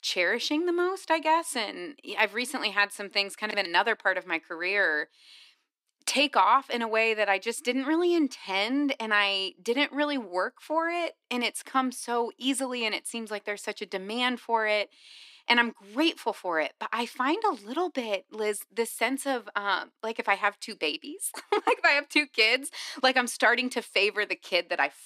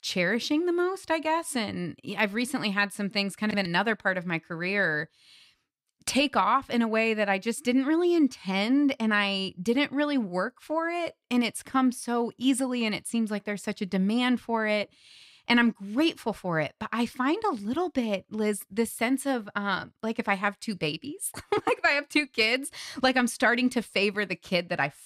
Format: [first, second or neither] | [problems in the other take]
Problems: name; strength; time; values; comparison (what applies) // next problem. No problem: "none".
second | thin; somewhat; fading below 300 Hz